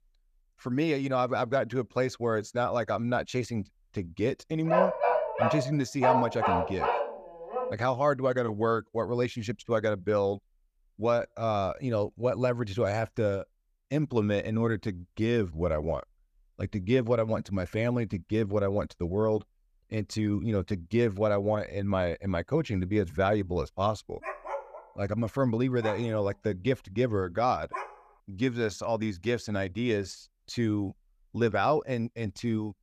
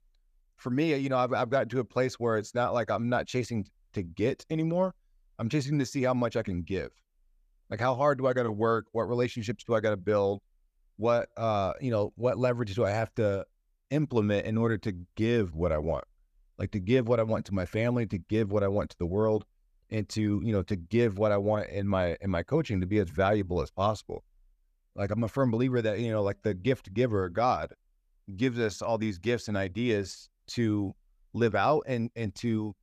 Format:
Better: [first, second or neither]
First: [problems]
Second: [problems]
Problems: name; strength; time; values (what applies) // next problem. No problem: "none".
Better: second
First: dog barking; loud; from 4.5 to 7.5 s; peak 4 dB above the speech // dog barking; noticeable; from 24 to 28 s; peak 7 dB below the speech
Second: none